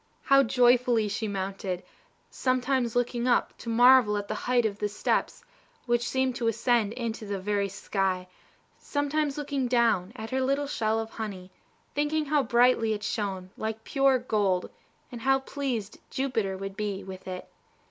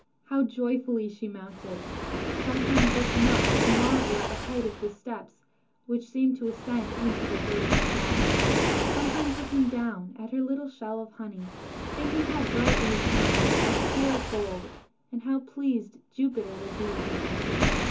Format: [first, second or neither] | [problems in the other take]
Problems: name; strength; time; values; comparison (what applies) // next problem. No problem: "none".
first | background sound (Waves, surf); 2 dB above the speech // room echo; dies away in 0.3 s